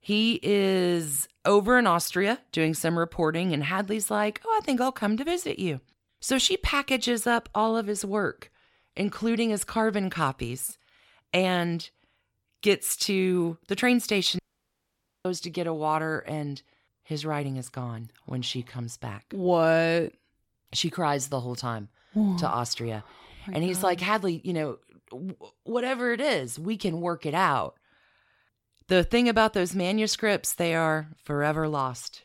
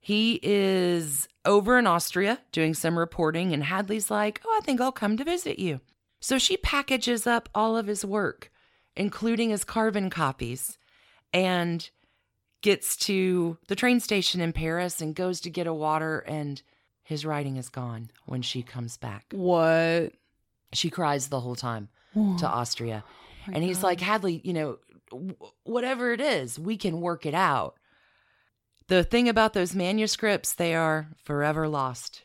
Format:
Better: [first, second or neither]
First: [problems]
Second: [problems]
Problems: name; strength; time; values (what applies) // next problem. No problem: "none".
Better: second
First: audio cutting out; at 14 s for 1 s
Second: none